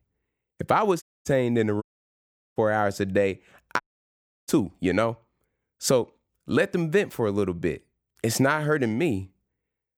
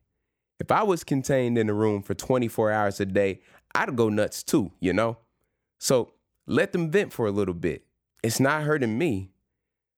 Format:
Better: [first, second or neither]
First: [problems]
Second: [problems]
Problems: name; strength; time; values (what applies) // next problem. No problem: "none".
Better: second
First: audio cutting out; at 1 s, at 2 s for 0.5 s and at 4 s for 0.5 s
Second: none